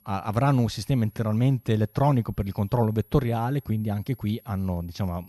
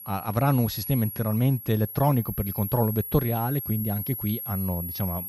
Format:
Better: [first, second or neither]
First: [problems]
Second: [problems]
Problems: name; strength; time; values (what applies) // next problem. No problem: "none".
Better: first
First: high-pitched whine; faint; throughout; 11.5 kHz, 30 dB below the speech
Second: high-pitched whine; loud; throughout; 11.5 kHz, 7 dB below the speech